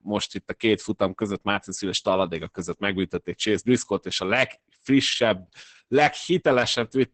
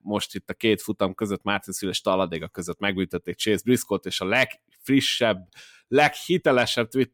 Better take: second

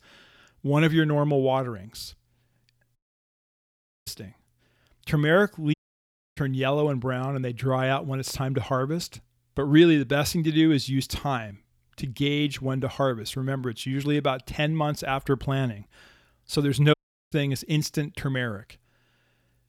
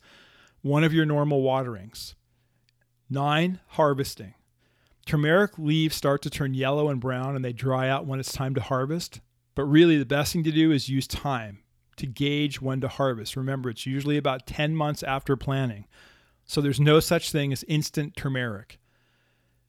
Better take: second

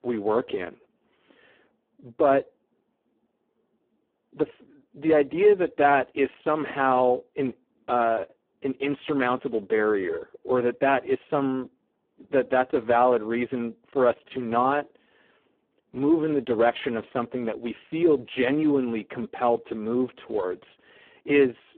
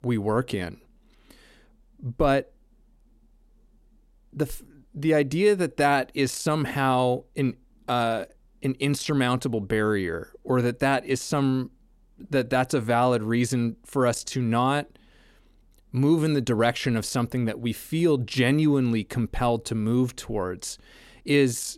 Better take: second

